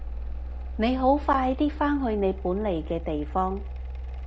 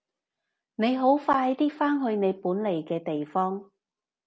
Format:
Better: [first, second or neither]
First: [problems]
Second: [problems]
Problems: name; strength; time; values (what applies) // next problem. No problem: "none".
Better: second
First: background sound (Mechanical fan); 7 dB below the speech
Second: none